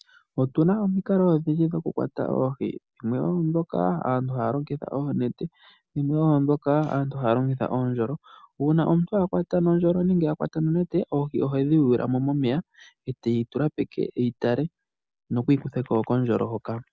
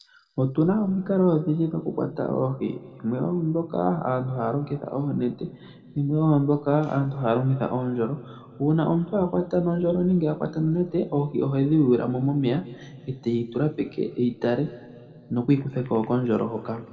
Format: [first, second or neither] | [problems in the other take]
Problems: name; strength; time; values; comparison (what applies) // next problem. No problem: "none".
first | room echo; dies away in 1.9 s